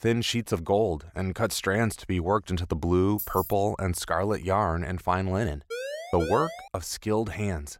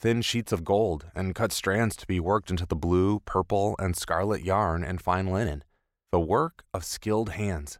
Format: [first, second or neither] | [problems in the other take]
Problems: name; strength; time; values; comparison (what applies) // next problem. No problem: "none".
second | jangling keys; noticeable; at 3 s; peak 7 dB below the speech // siren; noticeable; at 5.5 s; peak 7 dB below the speech